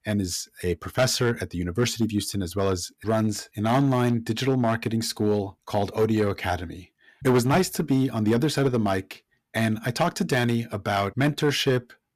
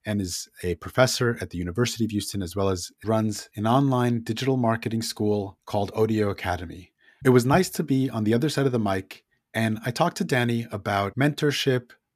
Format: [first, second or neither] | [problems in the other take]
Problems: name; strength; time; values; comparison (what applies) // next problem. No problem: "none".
second | distortion; slight; 4% of the sound clipped